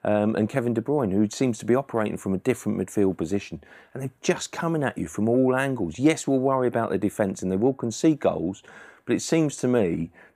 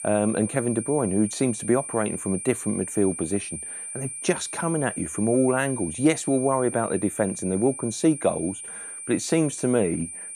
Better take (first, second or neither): first